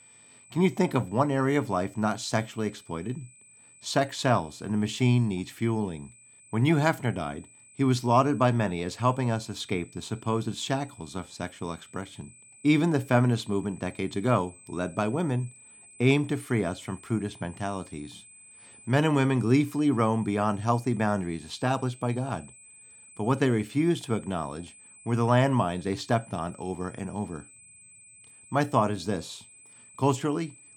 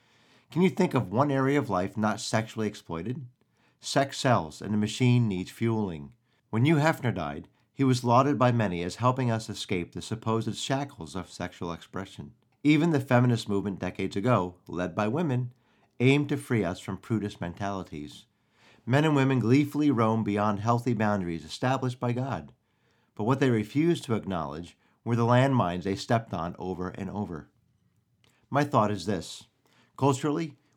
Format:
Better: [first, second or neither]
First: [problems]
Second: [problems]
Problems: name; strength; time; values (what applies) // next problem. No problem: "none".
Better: second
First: high-pitched whine; faint; throughout; 8 kHz, 25 dB below the speech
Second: none